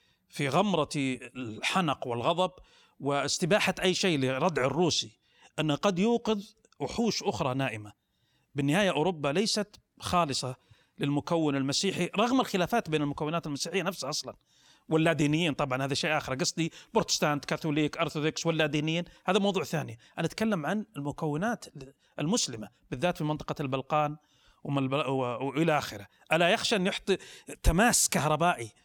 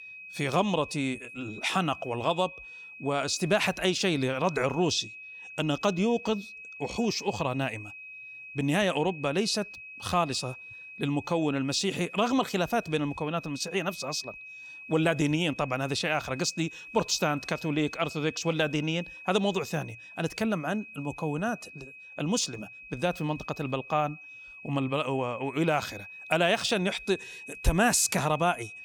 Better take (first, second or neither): first